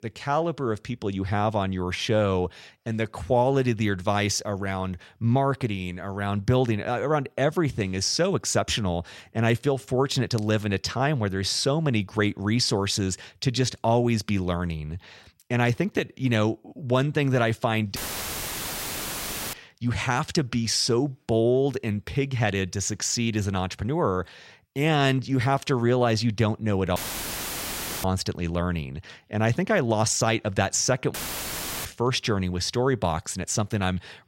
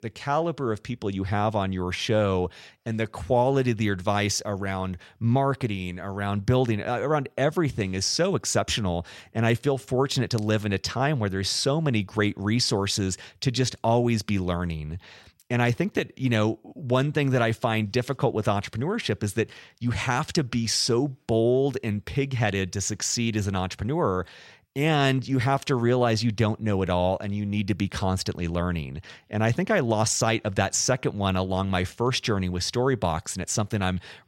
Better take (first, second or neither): second